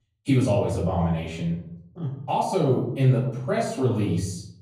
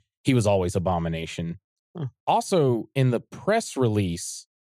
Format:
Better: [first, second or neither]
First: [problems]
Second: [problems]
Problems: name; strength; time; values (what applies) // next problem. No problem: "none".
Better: second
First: off-mic speech; far // room echo; noticeable; dies away in 0.7 s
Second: none